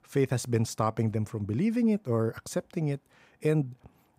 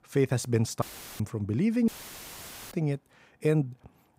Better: first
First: none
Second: audio cutting out; filled with static; at 1 s and at 2 s for 1 s

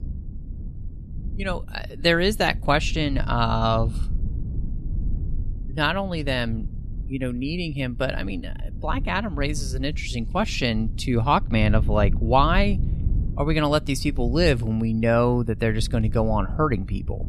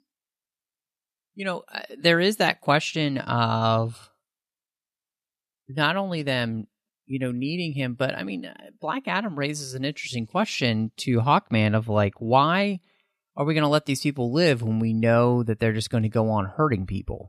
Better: second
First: low rumble; faint; throughout; 20 dB below the speech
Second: none

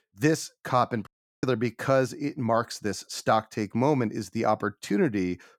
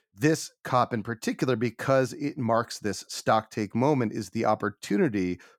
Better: second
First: audio cutting out; at 1 s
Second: none

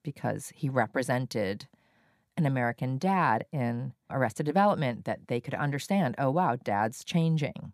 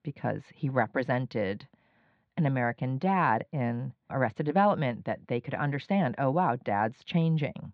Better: first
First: none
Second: muffled; slightly; fading above 3.5 kHz

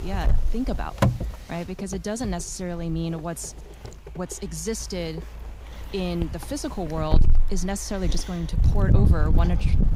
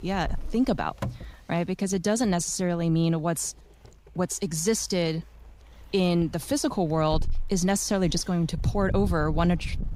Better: second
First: wind noise on the microphone; heavy; 5 dB below the speech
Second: wind noise on the microphone; occasional gusts; 20 dB below the speech

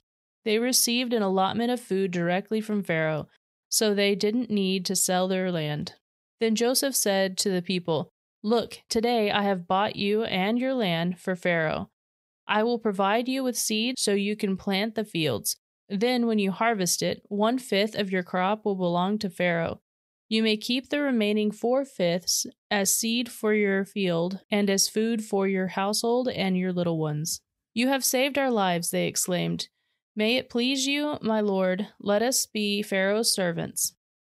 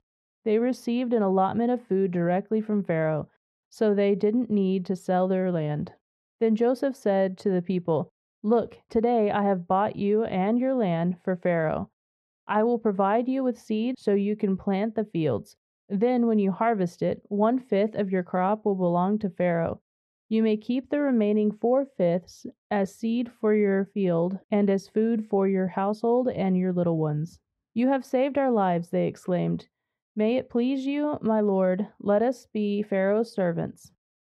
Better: first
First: none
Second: muffled; very; fading above 3 kHz

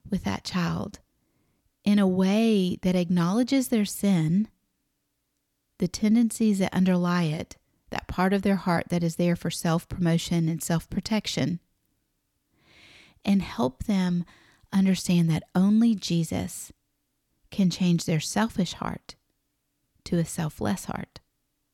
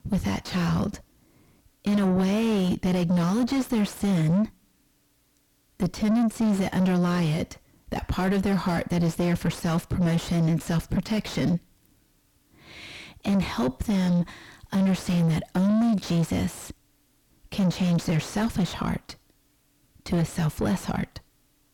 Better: first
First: none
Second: distortion; heavy; 6 dB below the speech

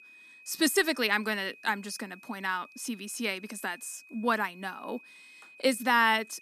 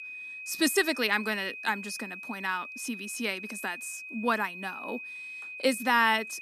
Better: first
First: high-pitched whine; faint; throughout; 2.5 kHz, 20 dB below the speech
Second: high-pitched whine; loud; throughout; 2.5 kHz, 10 dB below the speech

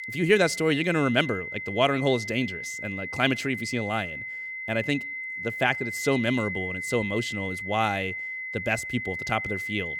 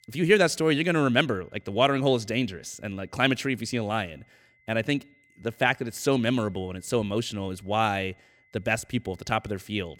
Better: second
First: high-pitched whine; loud; throughout; 2 kHz, 5 dB below the speech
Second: high-pitched whine; faint; throughout; 2 kHz, 35 dB below the speech

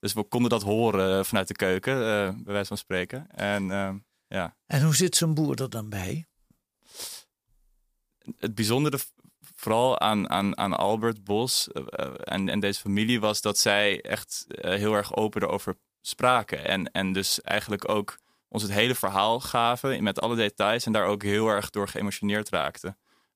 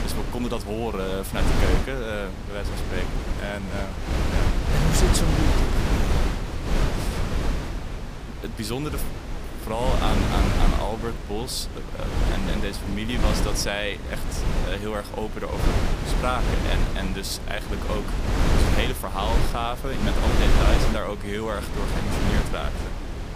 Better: first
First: none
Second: wind noise on the microphone; heavy; 1 dB below the speech

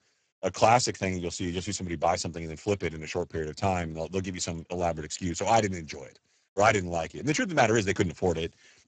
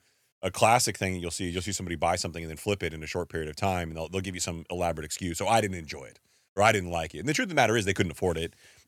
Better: second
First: garbled, watery; badly; nothing above 7.5 kHz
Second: none

